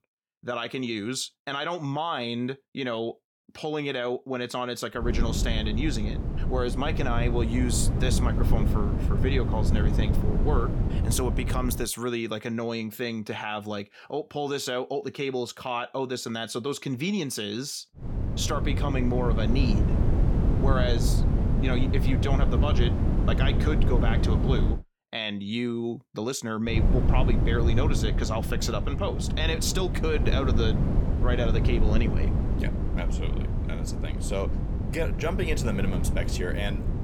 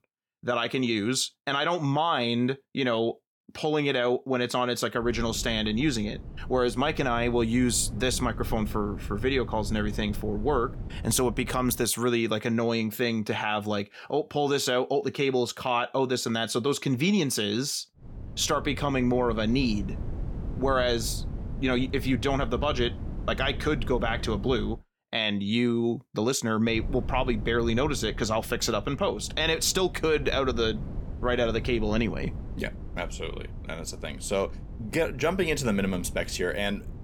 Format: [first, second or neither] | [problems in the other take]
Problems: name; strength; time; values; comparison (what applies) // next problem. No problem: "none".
second | wind noise on the microphone; heavy; from 5 to 12 s, from 18 to 25 s and from 27 s on; 5 dB below the speech; occasional gusts in the second